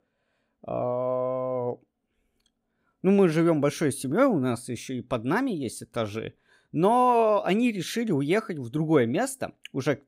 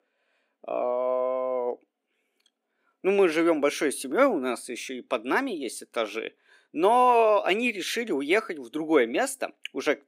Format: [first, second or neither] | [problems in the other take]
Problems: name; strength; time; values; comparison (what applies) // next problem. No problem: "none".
first | thin; somewhat; fading below 300 Hz